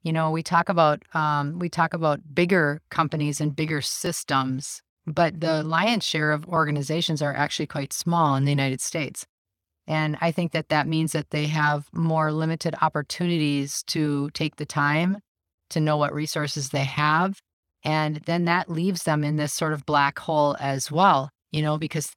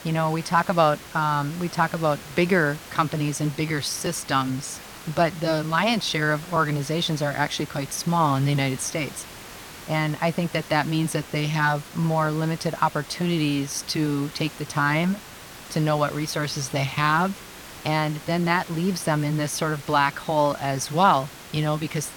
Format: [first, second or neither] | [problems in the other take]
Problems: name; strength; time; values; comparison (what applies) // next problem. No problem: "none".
first | hiss; noticeable; throughout; 15 dB below the speech